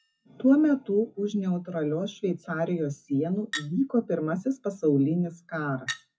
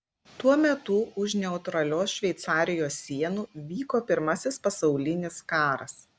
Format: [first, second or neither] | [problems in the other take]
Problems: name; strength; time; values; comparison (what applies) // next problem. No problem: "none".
second | noise reduction (classical method WPE with log-MMSE)